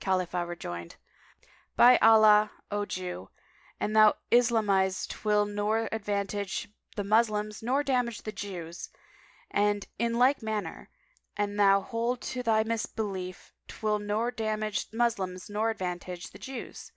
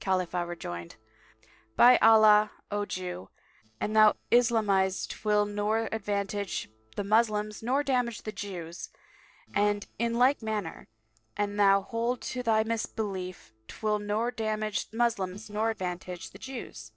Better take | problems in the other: first | noise reduction (neural separator model SepFormer DNS4)

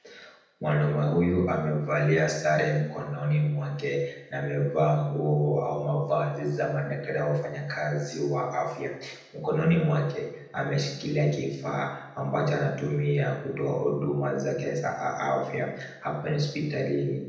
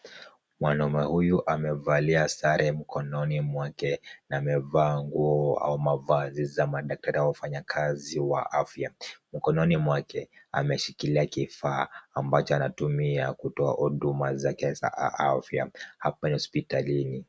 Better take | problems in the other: second | room echo; dies away in 0.9 s

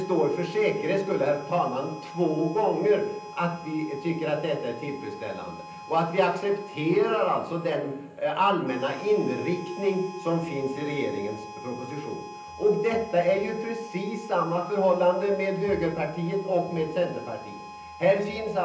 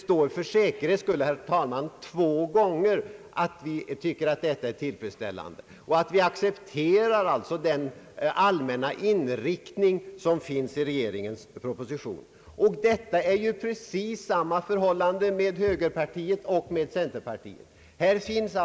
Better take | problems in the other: second | background sound (Harmonica); 15 dB below the speech // room echo; dies away in 0.6 s

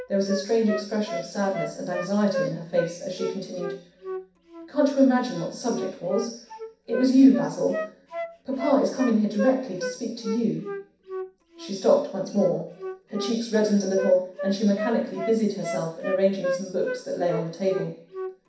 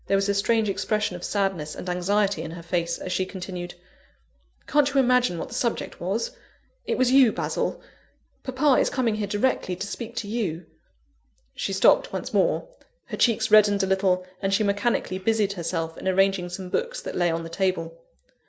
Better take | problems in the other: second | background sound (Wind instrument, woodwind instrument); 9 dB below the speech // room echo; dies away in 0.6 s

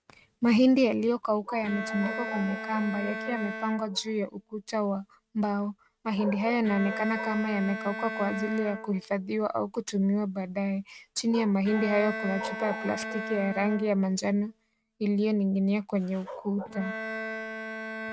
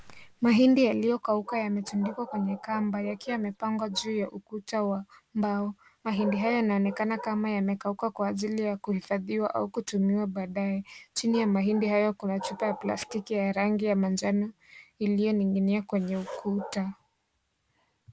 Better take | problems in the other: second | noise reduction (neural mask model RNNoise)

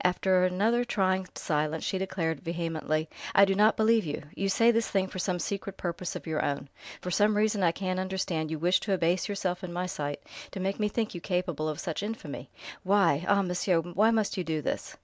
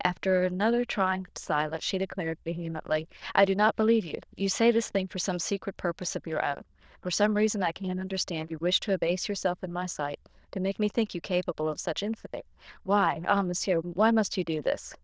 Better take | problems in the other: first | noise reduction (neural diffusion model UNIVERSE++)

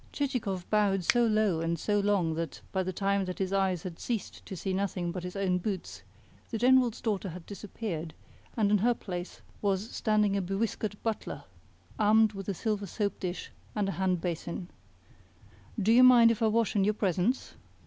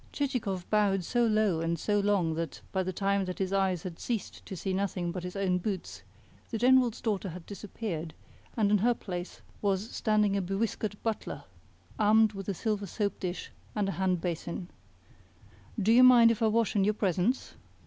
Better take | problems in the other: second | background sound (Finger snapping); 5 dB below the speech

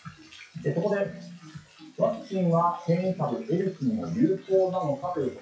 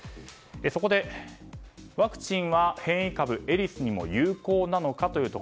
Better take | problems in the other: second | noise reduction (classical method WPE with log-MMSE)

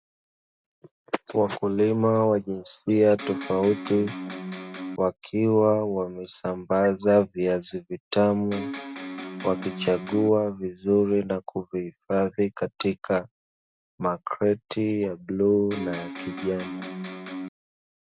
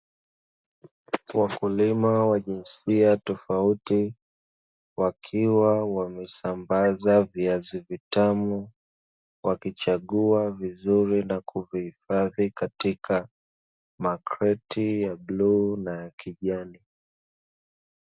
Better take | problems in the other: second | background sound (Electric guitar); 9 dB below the speech

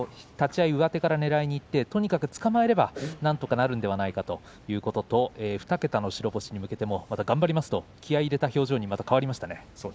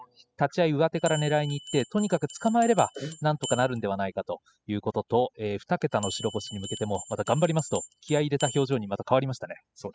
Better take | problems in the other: first | noise reduction (classical method spectral subtraction)

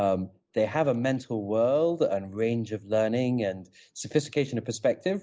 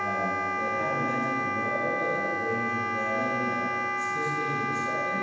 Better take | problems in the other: first | background sound (Wind instrument, woodwind instrument); 4 dB above the speech // room echo; dies away in 2.1 s

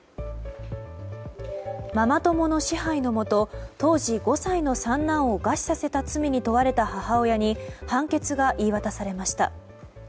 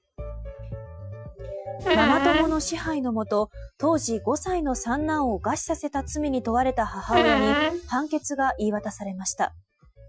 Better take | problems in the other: first | noise reduction (classical method Wiener filter)

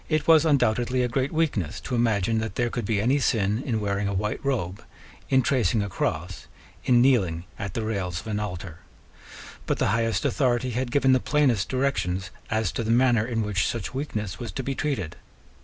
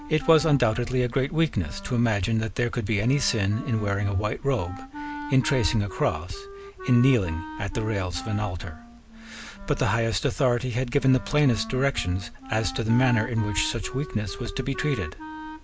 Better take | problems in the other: first | background sound (Wind instrument, woodwind instrument); 15 dB below the speech

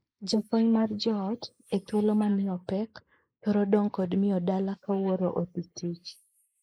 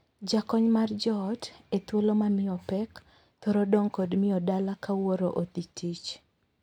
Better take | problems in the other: second | noise reduction (neural mask model Resemble Enhance denoiser)

